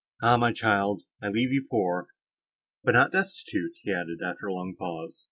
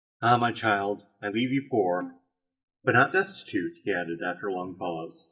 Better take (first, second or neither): first